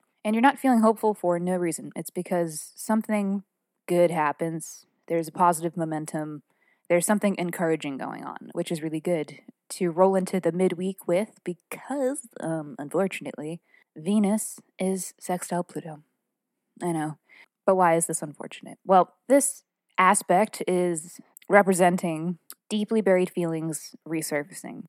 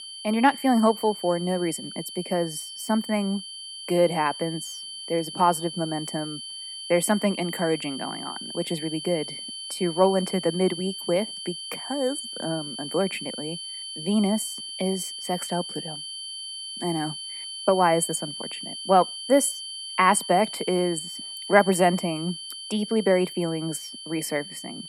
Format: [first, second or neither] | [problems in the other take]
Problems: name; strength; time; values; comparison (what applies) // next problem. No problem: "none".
first | high-pitched whine; loud; throughout; 3 kHz, 9 dB below the speech